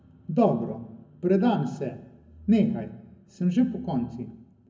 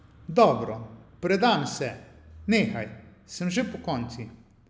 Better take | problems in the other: second | room echo; dies away in 0.3 s

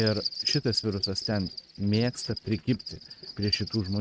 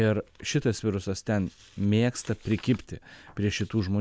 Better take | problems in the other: second | noise reduction (neural mask model RNNoise)

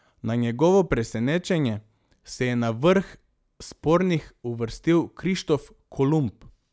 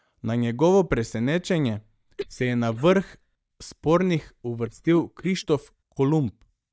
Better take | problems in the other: first | noise reduction (neural mask model DeepFilterNet 3)

